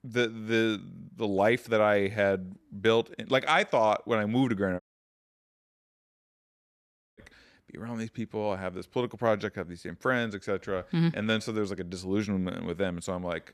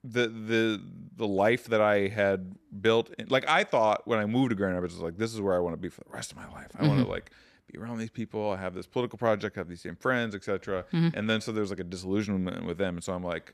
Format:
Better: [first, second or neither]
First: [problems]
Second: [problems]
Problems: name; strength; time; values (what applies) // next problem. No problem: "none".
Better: second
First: audio cutting out; at 5 s for 2.5 s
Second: none